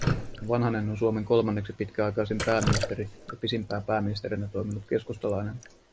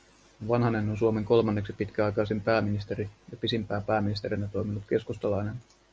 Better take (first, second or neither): second